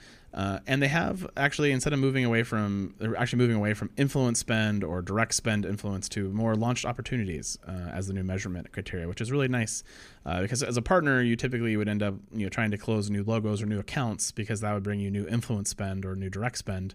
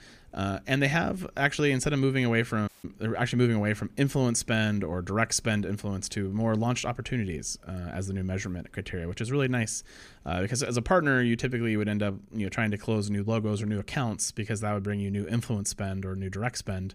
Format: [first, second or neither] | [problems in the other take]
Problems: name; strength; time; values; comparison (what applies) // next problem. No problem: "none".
first | audio cutting out; at 2.5 s